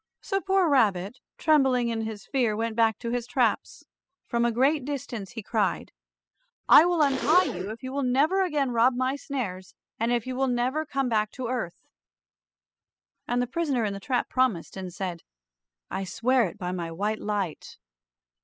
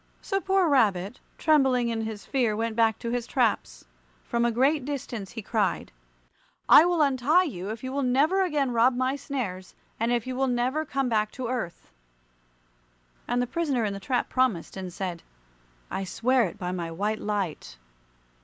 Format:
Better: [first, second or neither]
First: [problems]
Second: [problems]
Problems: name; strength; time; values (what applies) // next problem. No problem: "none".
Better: second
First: noise reduction (classical method spectral subtraction)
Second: none